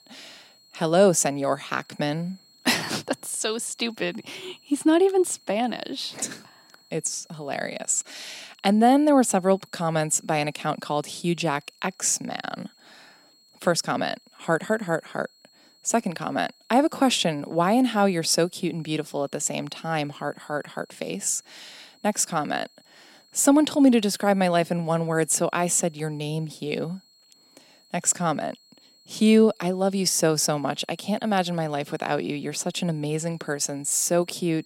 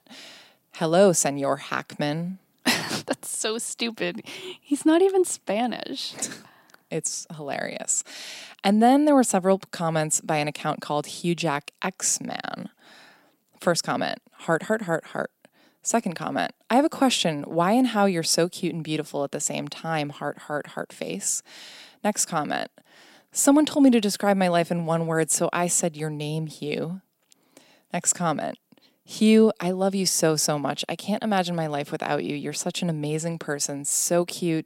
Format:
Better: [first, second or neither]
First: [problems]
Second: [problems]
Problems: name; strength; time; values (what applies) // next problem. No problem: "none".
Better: second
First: high-pitched whine; faint; throughout; 4.5 kHz, 30 dB below the speech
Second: none